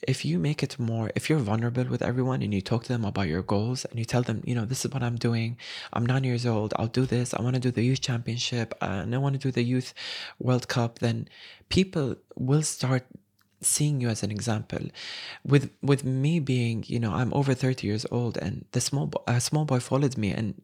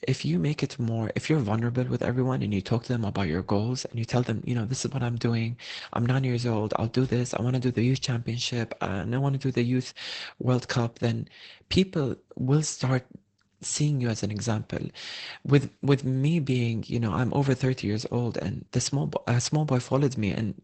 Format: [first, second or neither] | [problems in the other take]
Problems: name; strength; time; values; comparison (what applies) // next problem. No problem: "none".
first | garbled, watery; badly; nothing above 8 kHz